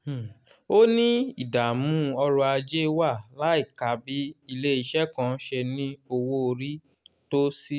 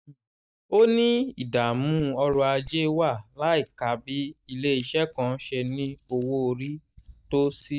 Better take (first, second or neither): first